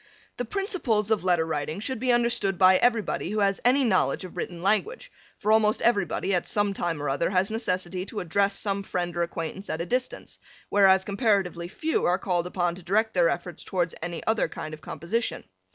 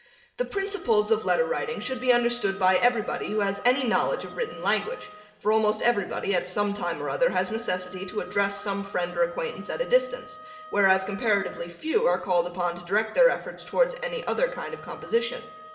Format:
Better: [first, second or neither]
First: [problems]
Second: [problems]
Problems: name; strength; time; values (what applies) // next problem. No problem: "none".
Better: first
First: none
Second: background sound (Wind instrument, woodwind instrument); 20 dB below the speech // room echo; dies away in 1.6 s